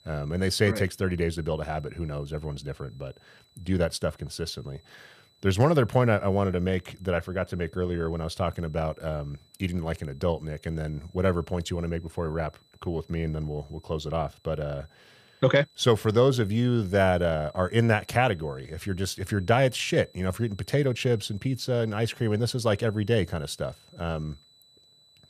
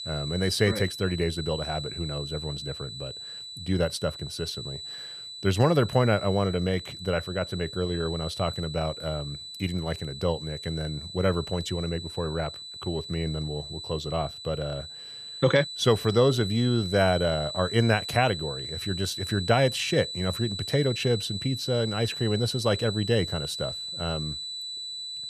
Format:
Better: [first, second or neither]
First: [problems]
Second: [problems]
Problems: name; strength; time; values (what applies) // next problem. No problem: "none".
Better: first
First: high-pitched whine; faint; throughout; 4 kHz, 30 dB below the speech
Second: high-pitched whine; loud; throughout; 4 kHz, 7 dB below the speech